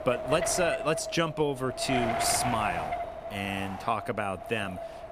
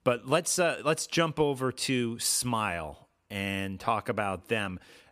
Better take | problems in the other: second | wind noise on the microphone; heavy; 2 dB below the speech

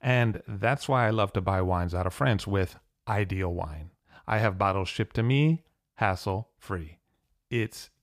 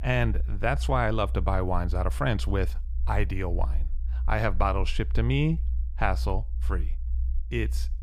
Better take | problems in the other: first | low rumble; faint; throughout; 20 dB below the speech

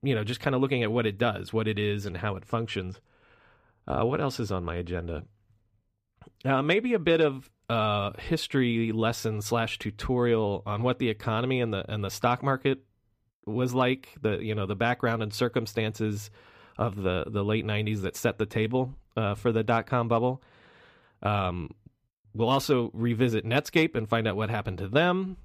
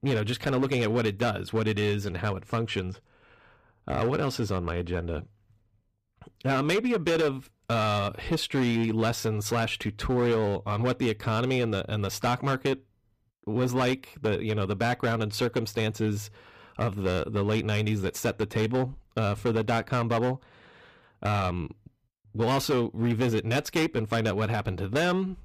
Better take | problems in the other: first | distortion; slight; 10% of the sound clipped

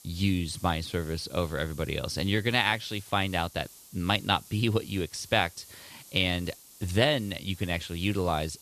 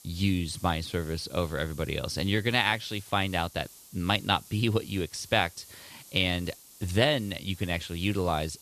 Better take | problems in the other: neither | hiss; noticeable; throughout; 20 dB below the speech; the same in both

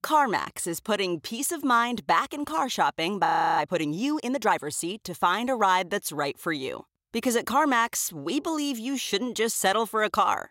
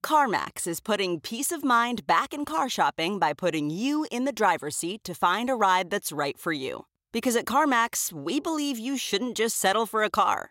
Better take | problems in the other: second | audio freezing; at 3.5 s

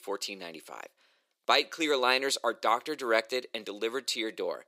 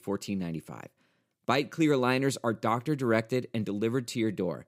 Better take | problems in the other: second | thin; very; fading below 450 Hz

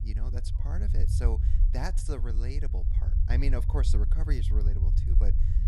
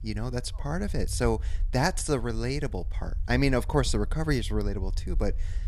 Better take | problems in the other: second | low rumble; loud; throughout; 6 dB below the speech; faint in the second

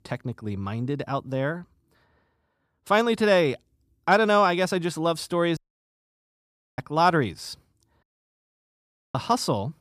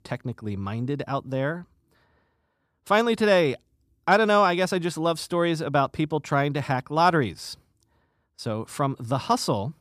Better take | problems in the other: second | audio cutting out; at 5.5 s for 1 s and at 8 s for 1 s

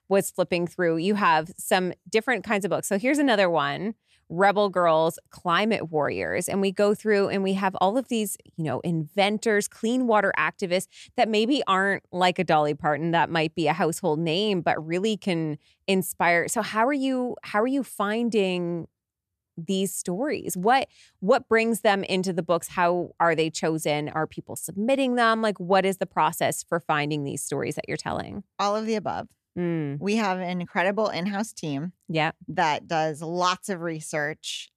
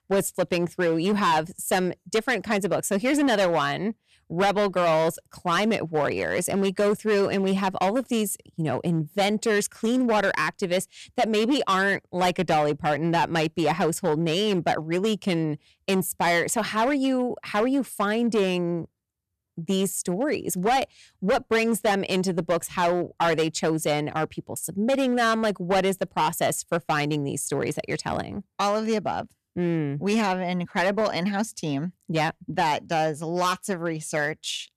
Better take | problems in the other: first | distortion; slight; 9% of the sound clipped

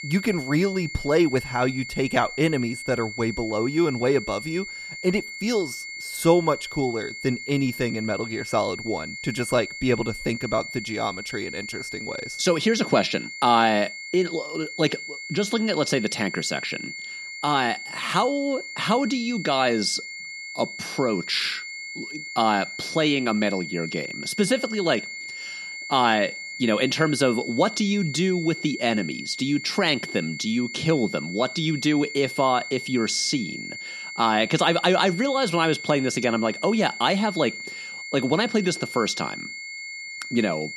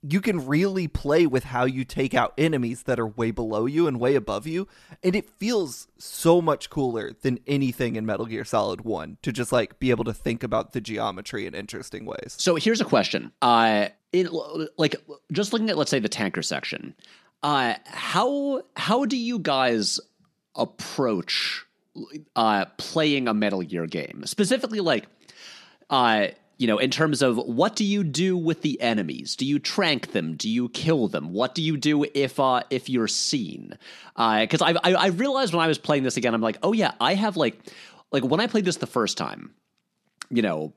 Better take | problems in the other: second | high-pitched whine; loud; throughout; 2 kHz, 9 dB below the speech

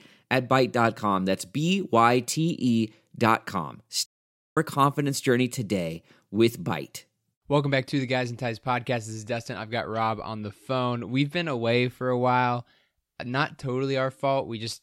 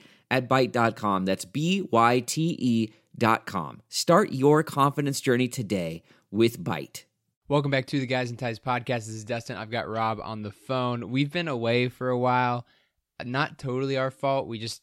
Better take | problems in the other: second | audio cutting out; at 4 s for 0.5 s

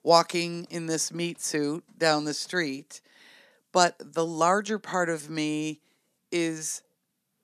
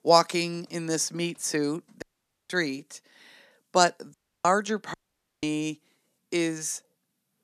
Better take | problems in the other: first | audio cutting out; at 2 s, at 4 s and at 5 s

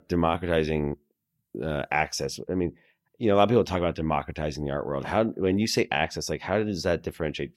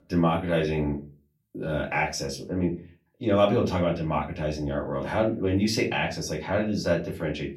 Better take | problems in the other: first | off-mic speech; far // room echo; very slight; dies away in 0.3 s

